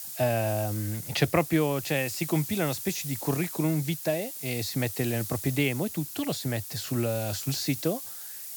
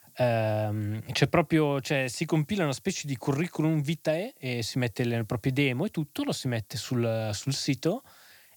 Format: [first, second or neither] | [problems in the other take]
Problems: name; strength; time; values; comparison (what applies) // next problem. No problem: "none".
second | hiss; loud; throughout; 7 dB below the speech; faint in the second